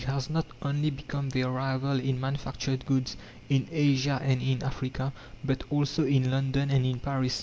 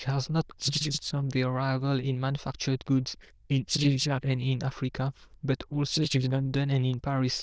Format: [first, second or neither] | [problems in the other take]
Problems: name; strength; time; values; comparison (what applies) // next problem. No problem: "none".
first | noise reduction (neural diffusion model UNIVERSE++)